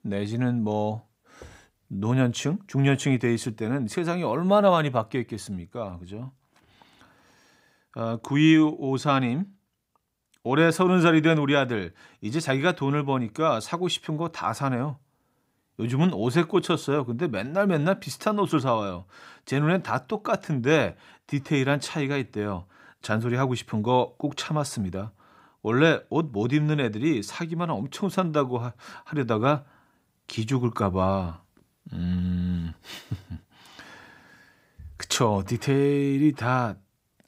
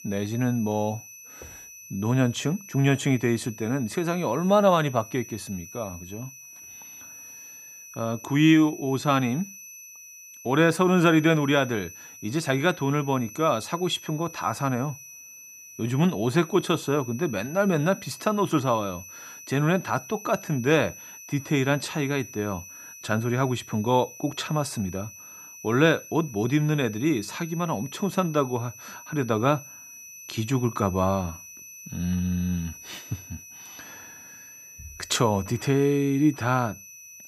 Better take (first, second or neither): first